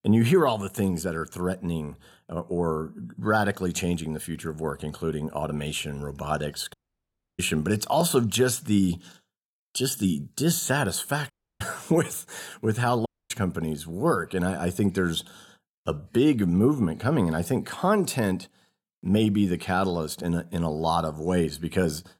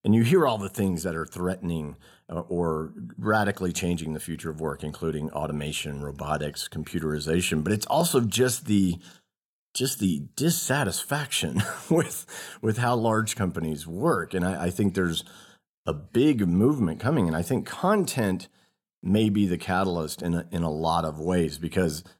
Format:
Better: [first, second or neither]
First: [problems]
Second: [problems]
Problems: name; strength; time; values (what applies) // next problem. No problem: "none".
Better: second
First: audio cutting out; at 6.5 s for 0.5 s, at 11 s and at 13 s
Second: none